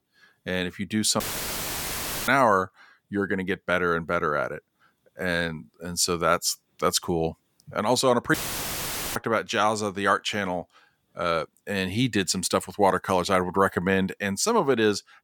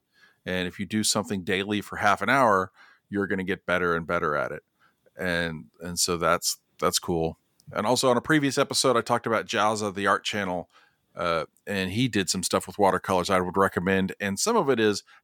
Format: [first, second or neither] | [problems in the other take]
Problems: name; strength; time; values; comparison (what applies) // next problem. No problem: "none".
second | audio cutting out; filled with static; at 1 s for 1 s and at 8.5 s for 1 s